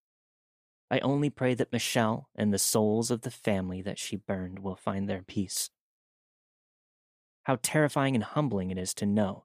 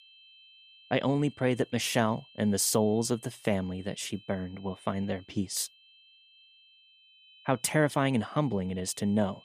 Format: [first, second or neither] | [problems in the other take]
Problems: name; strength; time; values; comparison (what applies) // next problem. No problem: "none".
first | high-pitched whine; faint; throughout; 3 kHz, 25 dB below the speech